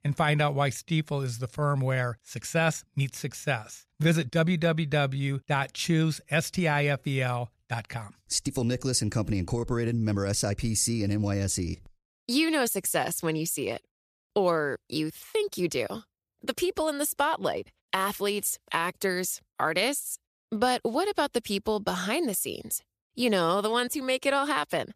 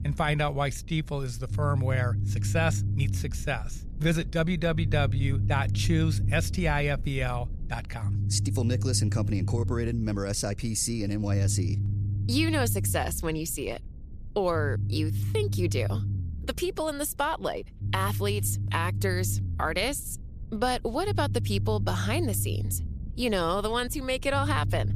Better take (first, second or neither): first